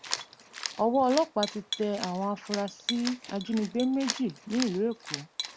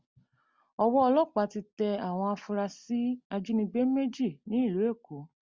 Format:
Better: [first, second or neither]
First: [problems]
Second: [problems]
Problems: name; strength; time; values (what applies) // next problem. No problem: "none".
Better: second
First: background sound (Cat); 9 dB below the speech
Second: none